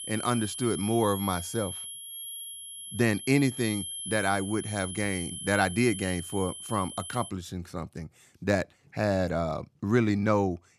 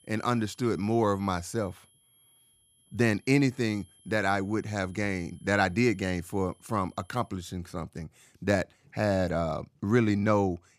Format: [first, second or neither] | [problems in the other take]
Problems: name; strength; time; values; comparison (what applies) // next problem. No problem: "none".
second | high-pitched whine; loud; until 7.5 s; 11 kHz, 8 dB below the speech; faint in the second